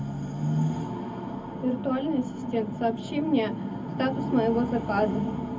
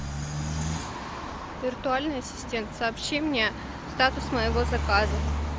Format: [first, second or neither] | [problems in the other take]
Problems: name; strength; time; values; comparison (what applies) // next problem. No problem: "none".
second | room echo; dies away in 0.3 s